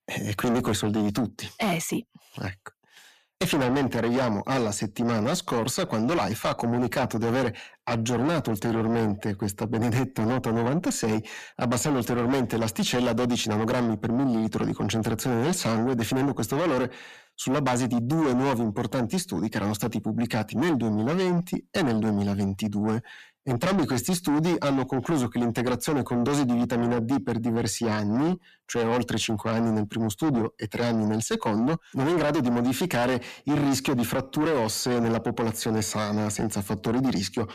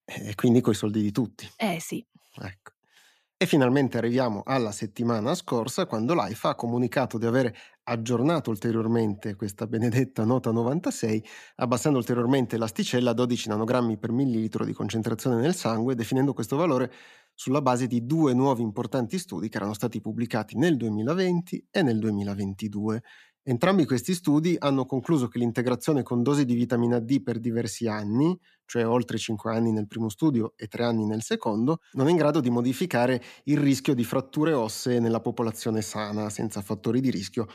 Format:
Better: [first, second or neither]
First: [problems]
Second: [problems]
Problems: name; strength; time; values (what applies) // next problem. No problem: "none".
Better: second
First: distortion; heavy; 6 dB below the speech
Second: none